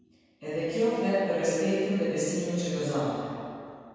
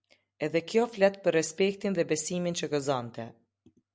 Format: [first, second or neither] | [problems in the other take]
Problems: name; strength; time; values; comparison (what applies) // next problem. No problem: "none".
second | room echo; dies away in 2.1 s